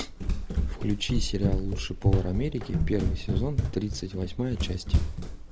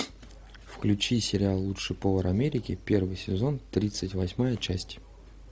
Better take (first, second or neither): second